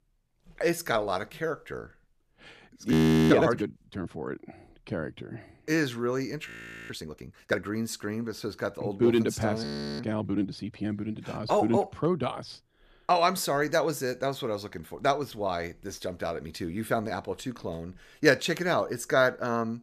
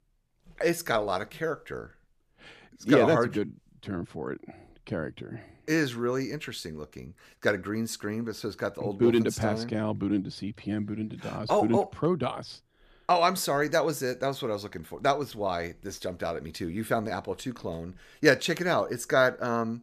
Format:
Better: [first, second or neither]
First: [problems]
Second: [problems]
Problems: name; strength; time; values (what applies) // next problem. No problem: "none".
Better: second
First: audio freezing; at 3 s, at 6.5 s and at 9.5 s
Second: none